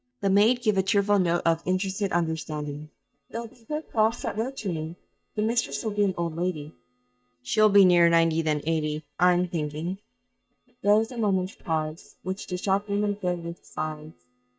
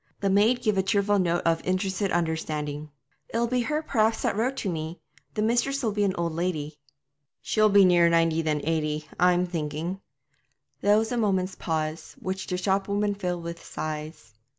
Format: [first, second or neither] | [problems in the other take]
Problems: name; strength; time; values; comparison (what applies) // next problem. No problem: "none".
second | noise reduction (neural mask model DeepFilterNet 3)